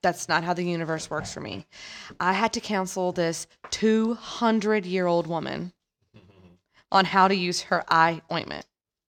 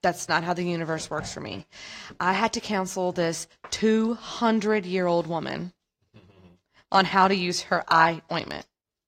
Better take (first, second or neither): first